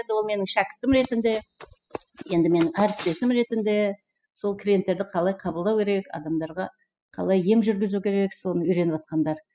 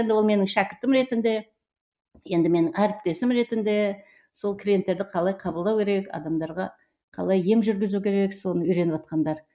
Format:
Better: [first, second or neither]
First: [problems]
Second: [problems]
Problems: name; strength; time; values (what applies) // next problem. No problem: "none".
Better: second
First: noise reduction (classical method spectral subtraction)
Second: none